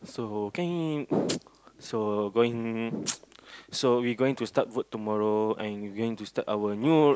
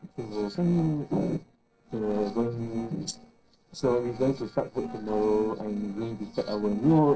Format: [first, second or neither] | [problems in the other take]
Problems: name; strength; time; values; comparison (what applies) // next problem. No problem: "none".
first | noise reduction (neural separator model SepFormer DNS4)